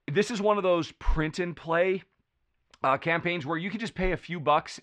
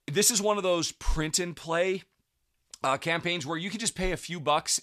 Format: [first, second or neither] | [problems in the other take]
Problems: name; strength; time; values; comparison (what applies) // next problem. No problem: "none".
second | muffled; very; fading above 2 kHz